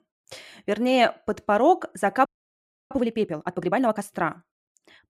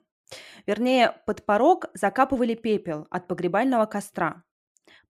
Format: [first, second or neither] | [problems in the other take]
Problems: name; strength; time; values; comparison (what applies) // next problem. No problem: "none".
second | audio freezing; at 2.5 s for 0.5 s